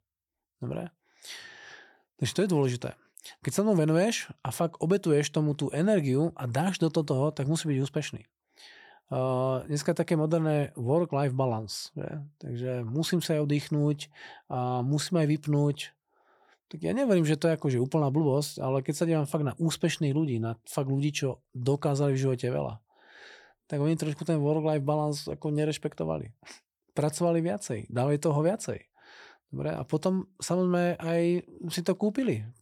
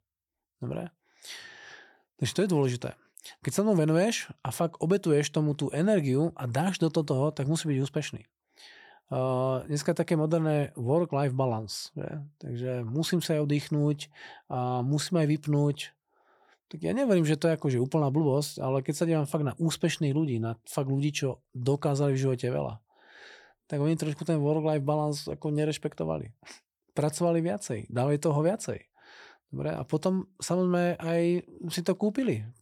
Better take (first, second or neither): neither